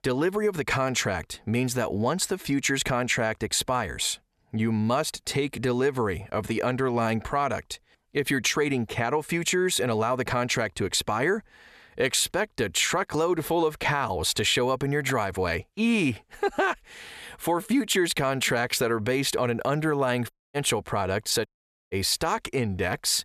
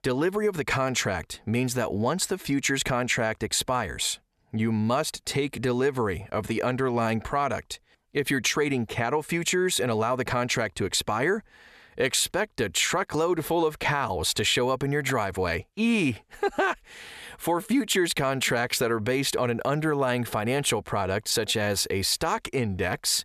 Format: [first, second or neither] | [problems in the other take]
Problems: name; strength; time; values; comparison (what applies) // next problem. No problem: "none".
second | audio cutting out; at 20 s and at 21 s